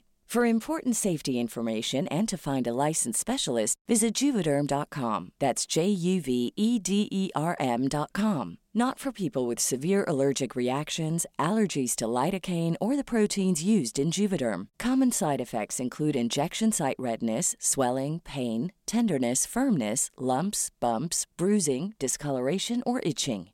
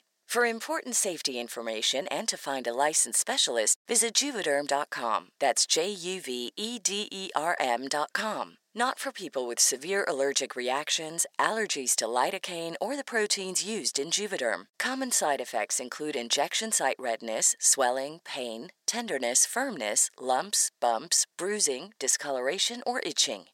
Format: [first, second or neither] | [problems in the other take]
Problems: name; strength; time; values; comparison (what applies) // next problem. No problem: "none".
first | thin; very; fading below 550 Hz